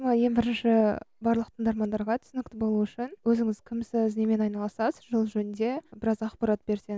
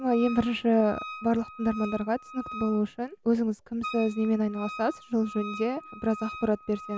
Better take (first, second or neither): first